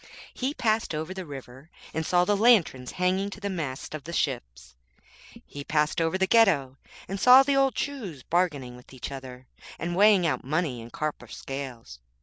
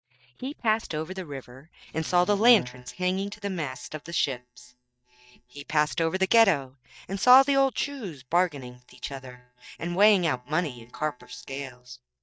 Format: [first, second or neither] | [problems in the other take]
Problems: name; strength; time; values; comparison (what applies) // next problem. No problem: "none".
first | noise reduction (neural mask model DeepFilterNet 3)